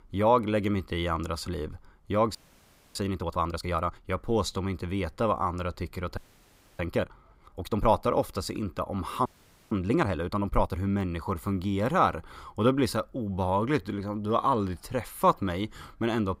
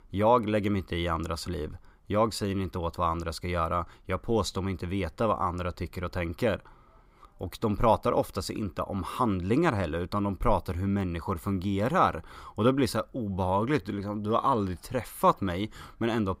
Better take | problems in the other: second | audio freezing; at 2.5 s for 0.5 s, at 6 s for 0.5 s and at 9.5 s

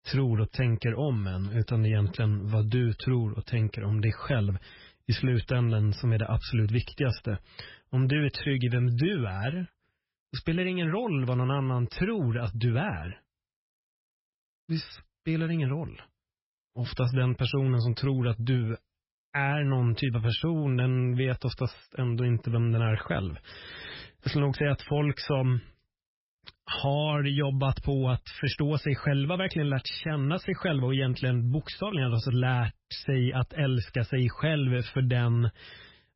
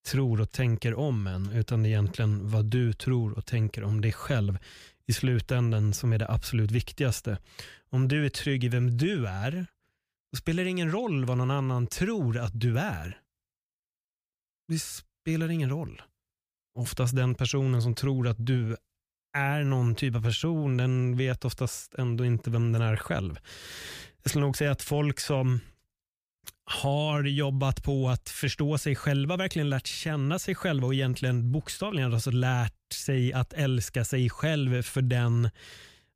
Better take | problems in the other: second | garbled, watery; badly; nothing above 5.5 kHz

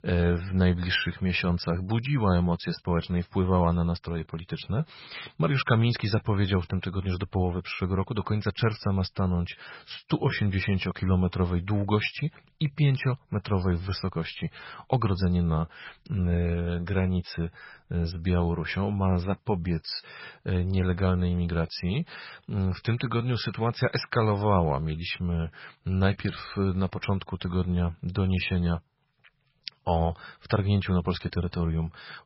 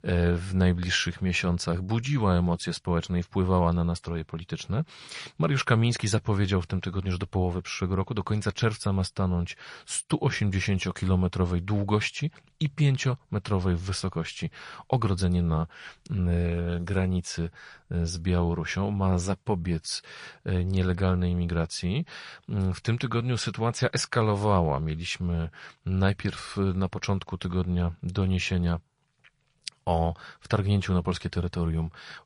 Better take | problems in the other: second | garbled, watery; badly; nothing above 5.5 kHz; slightly in the second

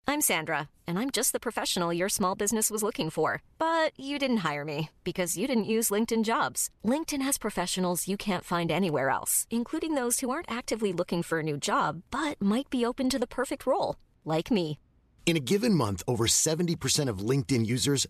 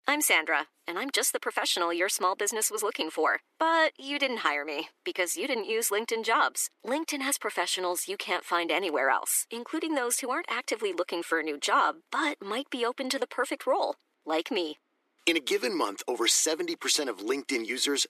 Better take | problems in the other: first | thin; somewhat; fading below 300 Hz

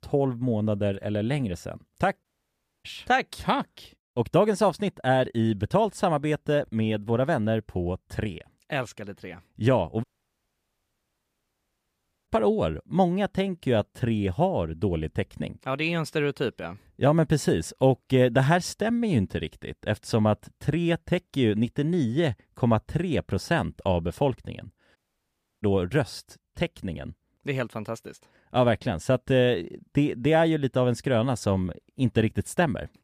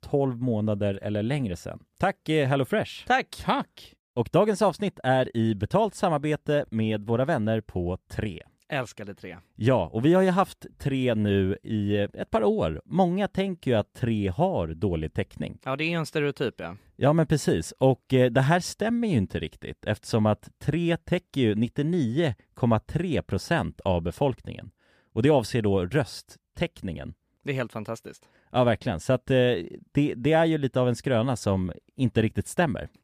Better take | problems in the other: second | audio cutting out; at 2 s for 0.5 s, at 10 s for 2 s and at 25 s for 0.5 s

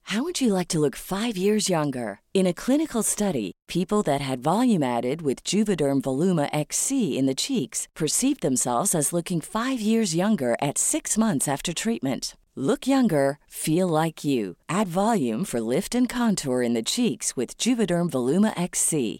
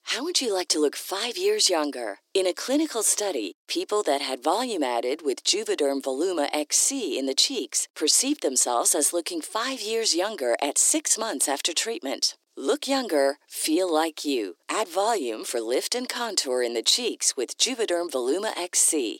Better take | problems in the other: first | thin; somewhat; fading below 300 Hz

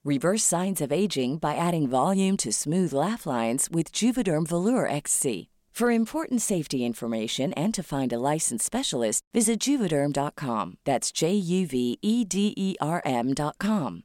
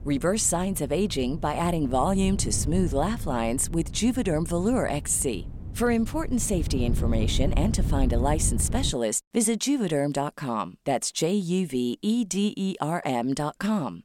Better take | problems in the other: first | wind noise on the microphone; occasional gusts; until 9 s; 15 dB below the speech

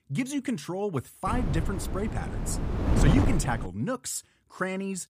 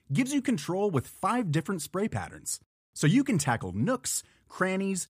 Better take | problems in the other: second | wind noise on the microphone; heavy; from 1.5 to 3.5 s; 3 dB below the speech

